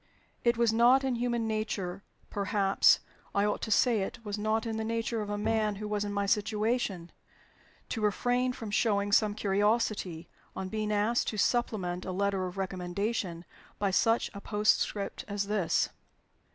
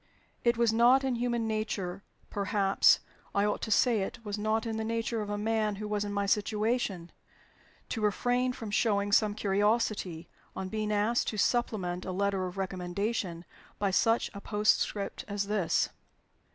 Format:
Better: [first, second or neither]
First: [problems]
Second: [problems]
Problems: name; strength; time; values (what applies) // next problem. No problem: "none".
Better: second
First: background sound (Bowed string instrument); 14 dB below the speech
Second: none